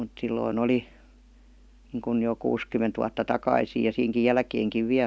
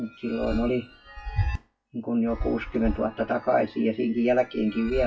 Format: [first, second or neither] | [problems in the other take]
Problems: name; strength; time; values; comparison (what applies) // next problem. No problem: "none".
first | noise reduction (classical method WPE with log-MMSE)